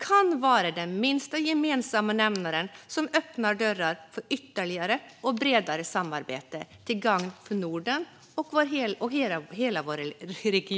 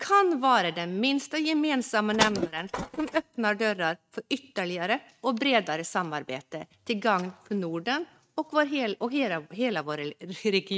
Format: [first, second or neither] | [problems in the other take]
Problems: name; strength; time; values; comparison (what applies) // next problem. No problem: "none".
first | noise reduction (neural mask model RNNoise)